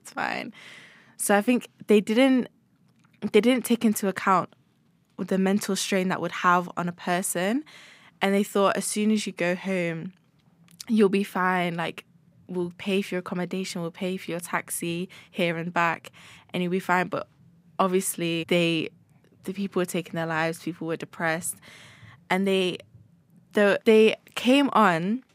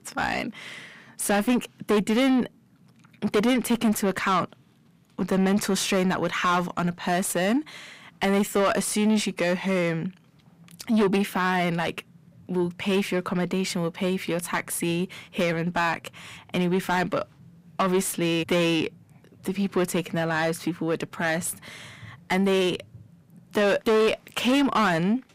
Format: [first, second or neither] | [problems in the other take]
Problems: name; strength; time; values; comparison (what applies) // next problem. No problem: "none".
first | distortion; heavy; 7 dB below the speech